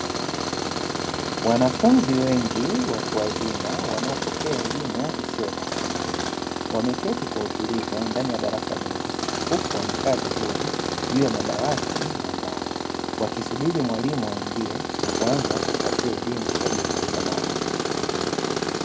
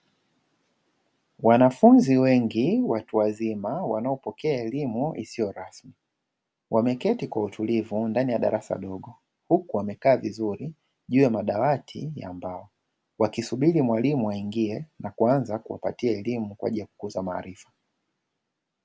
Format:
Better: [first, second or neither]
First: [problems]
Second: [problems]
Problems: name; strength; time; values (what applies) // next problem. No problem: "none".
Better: second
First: background sound (Tools); as loud as the speech // room echo; dies away in 0.3 s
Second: none